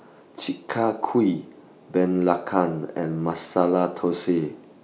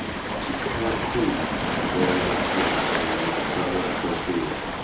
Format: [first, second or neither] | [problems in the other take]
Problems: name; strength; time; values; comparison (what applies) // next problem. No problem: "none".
first | background sound (Waves, surf); 3 dB above the speech // room echo; dies away in 0.4 s